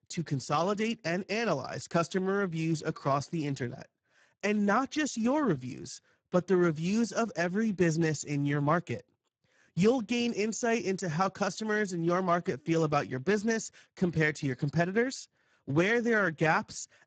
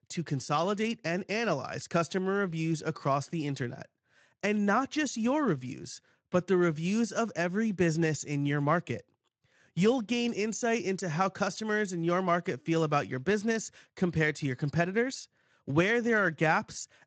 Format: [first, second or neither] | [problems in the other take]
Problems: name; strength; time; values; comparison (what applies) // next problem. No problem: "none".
second | garbled, watery; badly; nothing above 7.5 kHz; slightly in the second